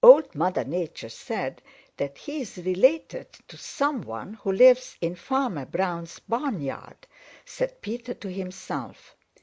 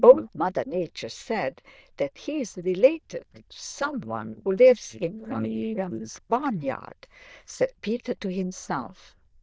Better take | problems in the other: first | noise reduction (neural diffusion model UNIVERSE++)

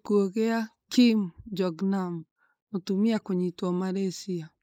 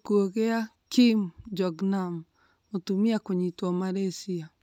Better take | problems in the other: second | noise reduction (neural mask model Resemble Enhance denoiser)

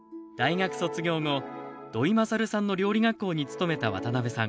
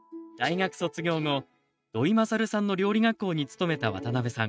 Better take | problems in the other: first | noise reduction (neural mask model RNNoise)

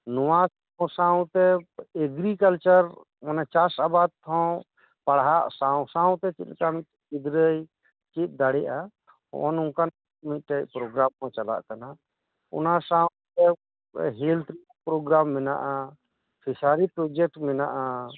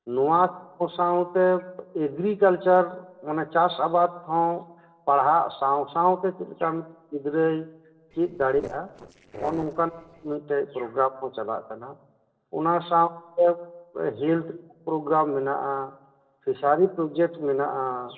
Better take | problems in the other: first | noise reduction (neural separator model SepFormer DNS4)

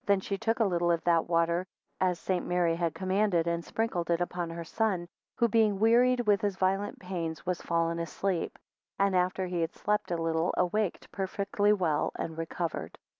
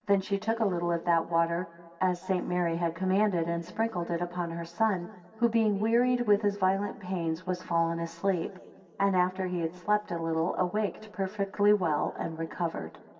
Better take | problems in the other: first | room echo; dies away in 2.2 s

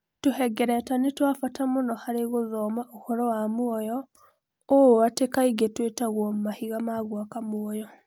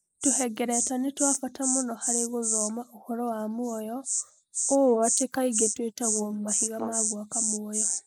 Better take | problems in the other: first | noise reduction (neural mask model Resemble Enhance denoiser)

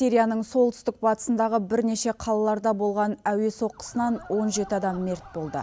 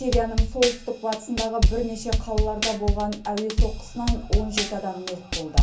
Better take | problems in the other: first | background sound (Drum kit); 3 dB above the speech // room echo; dies away in 0.3 s

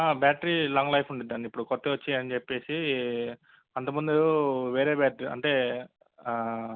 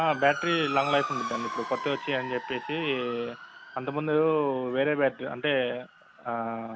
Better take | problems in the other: first | background sound (Motor vehicle (road) / Siren); 10 dB below the speech

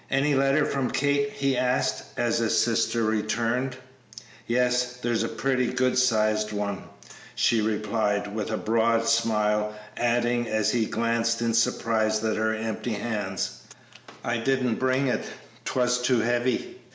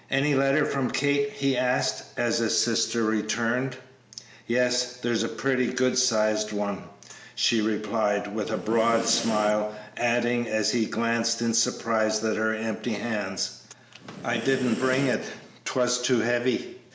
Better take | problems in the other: first | background sound (Breathing); 11 dB below the speech

